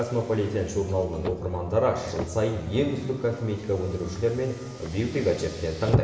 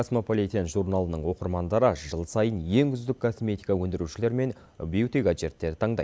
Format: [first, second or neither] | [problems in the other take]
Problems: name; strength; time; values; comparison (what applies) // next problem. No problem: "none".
second | background sound (Car); 10 dB below the speech // room echo; dies away in 1.1 s